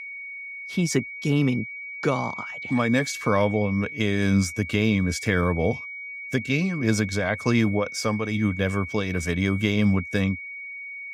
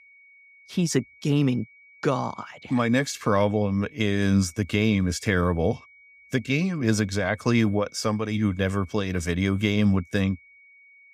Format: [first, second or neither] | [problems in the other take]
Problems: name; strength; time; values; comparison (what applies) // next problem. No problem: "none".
second | high-pitched whine; loud; throughout; 2 kHz, 10 dB below the speech; faint in the second